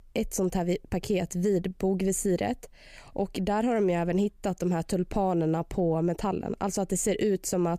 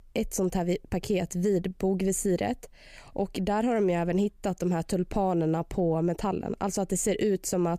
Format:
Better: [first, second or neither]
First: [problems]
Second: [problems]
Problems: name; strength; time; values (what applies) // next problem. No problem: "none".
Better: neither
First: none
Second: none